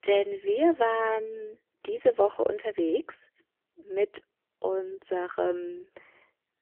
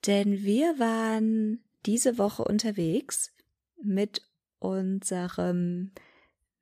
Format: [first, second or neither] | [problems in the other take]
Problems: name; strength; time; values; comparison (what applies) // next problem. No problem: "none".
second | phone-call audio; poor line; nothing above 3.5 kHz